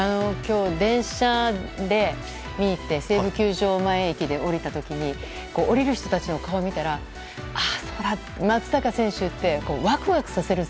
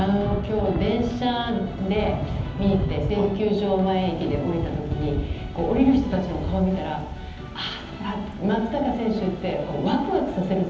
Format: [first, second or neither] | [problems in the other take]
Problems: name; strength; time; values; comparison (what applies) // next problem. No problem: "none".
first | background sound (Thunder / Rain); 7 dB below the speech // room echo; dies away in 0.9 s